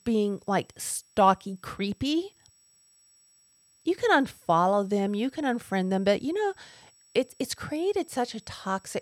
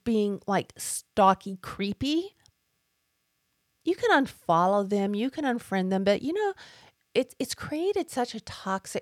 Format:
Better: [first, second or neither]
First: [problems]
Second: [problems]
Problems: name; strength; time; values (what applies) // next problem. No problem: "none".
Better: second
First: high-pitched whine; faint; throughout; 8 kHz, 30 dB below the speech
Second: none